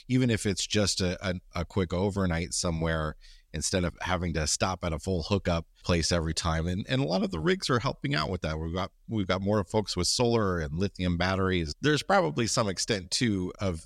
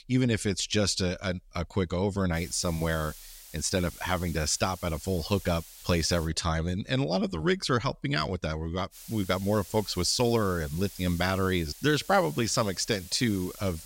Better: first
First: none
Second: hiss; noticeable; from 2.5 to 6.5 s and from 9 s on; 15 dB below the speech

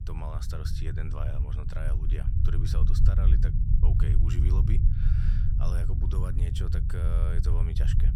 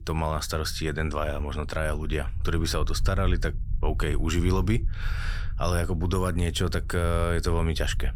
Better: second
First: low rumble; loud; throughout; as loud as the speech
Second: low rumble; faint; throughout; 20 dB below the speech

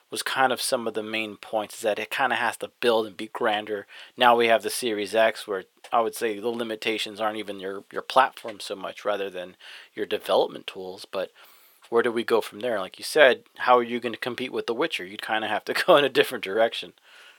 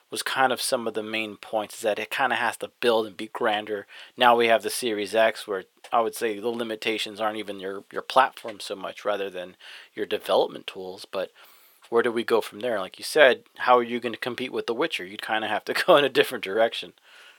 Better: neither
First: thin; very; fading below 550 Hz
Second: thin; very; fading below 550 Hz

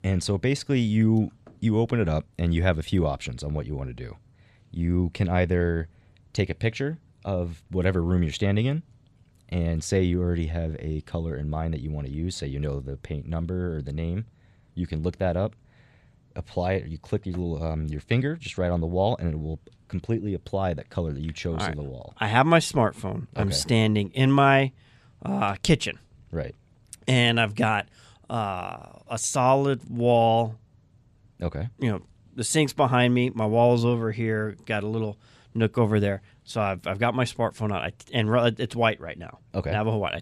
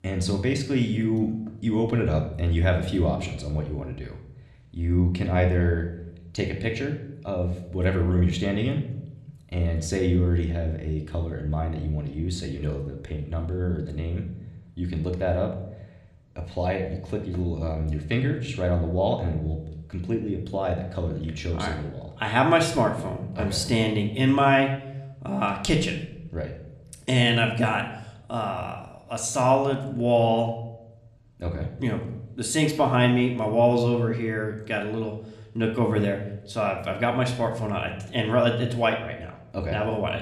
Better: first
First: none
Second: room echo; slight; dies away in 0.6 s // off-mic speech; somewhat distant

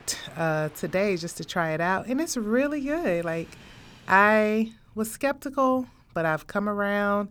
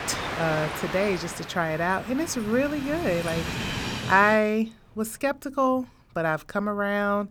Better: first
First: train or aircraft noise; faint; throughout; 25 dB below the speech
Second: train or aircraft noise; loud; throughout; 7 dB below the speech

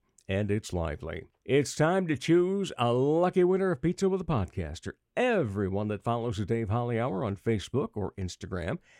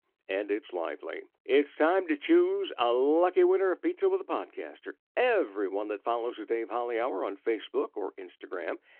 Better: first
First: none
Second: phone-call audio

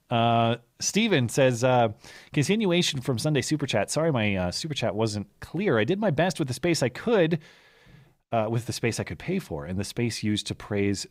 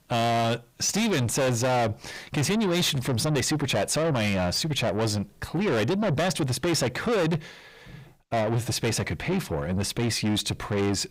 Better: first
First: none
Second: distortion; heavy; 6 dB below the speech

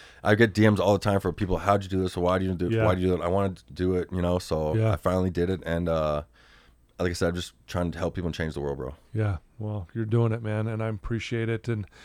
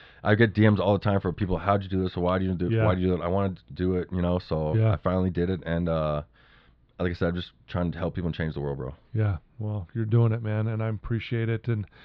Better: first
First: none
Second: muffled; slightly; fading above 4 kHz

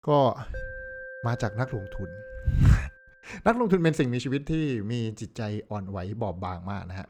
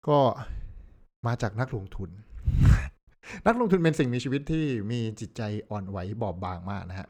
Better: second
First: alarm; faint; from 0.5 to 3 s; peak 10 dB below the speech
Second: none

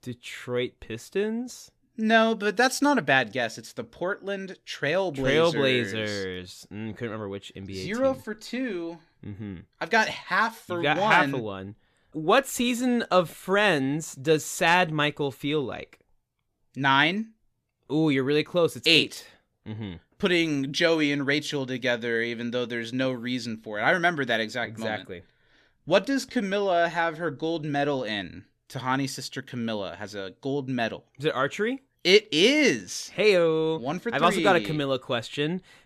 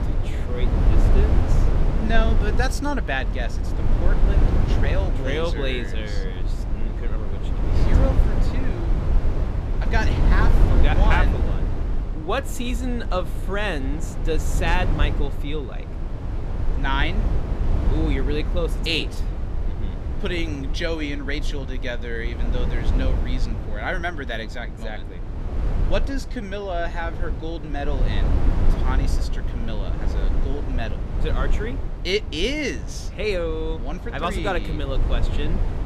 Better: first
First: none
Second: low rumble; loud; throughout; 7 dB below the speech

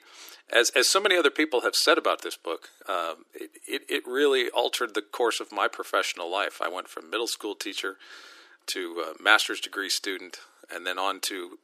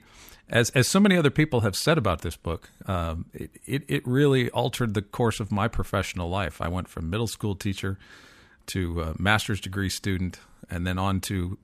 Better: second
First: thin; very; fading below 300 Hz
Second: none

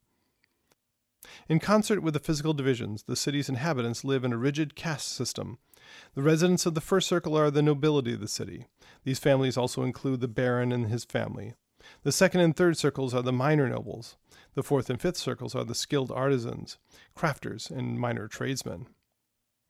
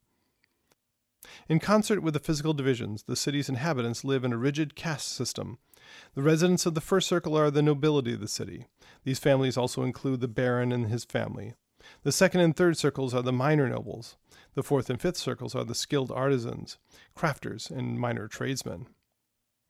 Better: neither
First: none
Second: none

